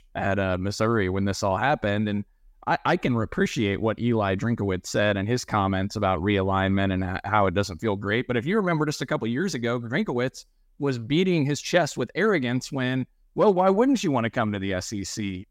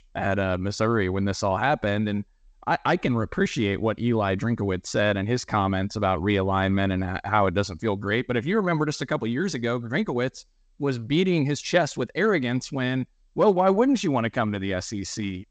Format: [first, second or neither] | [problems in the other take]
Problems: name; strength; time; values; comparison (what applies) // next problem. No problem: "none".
first | garbled, watery; slightly; nothing above 7.5 kHz